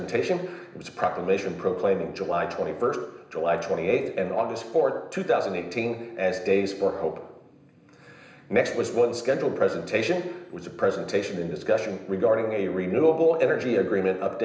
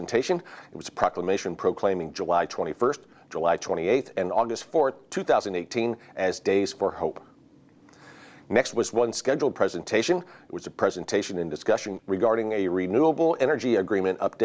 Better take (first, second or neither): second